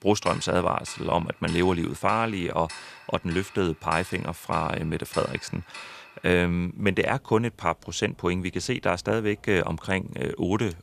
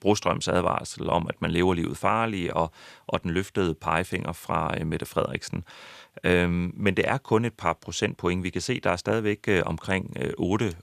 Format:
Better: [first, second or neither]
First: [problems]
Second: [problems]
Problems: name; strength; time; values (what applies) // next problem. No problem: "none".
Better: second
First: household noises; noticeable; throughout; 15 dB below the speech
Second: none